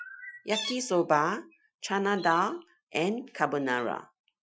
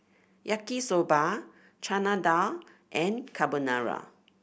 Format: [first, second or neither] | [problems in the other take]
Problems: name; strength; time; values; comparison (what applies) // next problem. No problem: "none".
second | noise reduction (classical method Wiener filter)